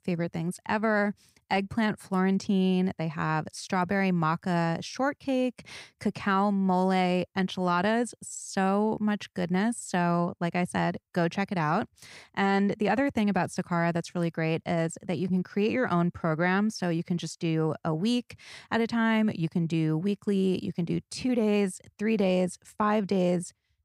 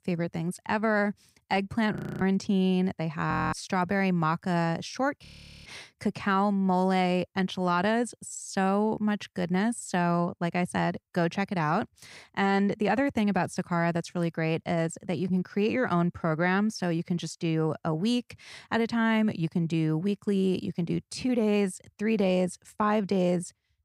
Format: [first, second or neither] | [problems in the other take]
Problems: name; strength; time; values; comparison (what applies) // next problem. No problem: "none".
first | audio freezing; at 2 s, at 3.5 s and at 5.5 s